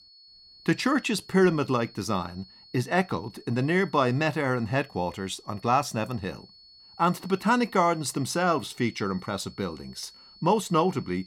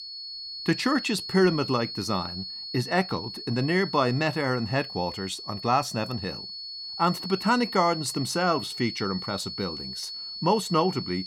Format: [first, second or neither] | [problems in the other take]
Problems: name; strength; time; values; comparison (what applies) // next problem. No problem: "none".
first | high-pitched whine; loud; throughout; 4.5 kHz, 8 dB below the speech; faint in the first